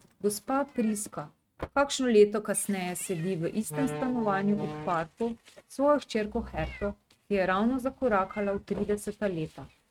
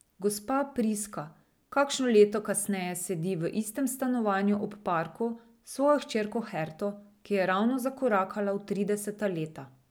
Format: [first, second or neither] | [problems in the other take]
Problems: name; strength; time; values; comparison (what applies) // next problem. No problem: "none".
second | noise reduction (neural mask model RNNoise)